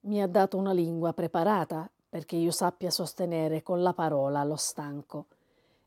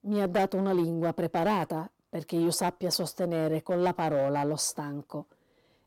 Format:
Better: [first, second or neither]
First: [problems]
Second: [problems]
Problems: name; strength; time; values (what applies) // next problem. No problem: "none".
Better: first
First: none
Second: distortion; slight; 5% of the sound clipped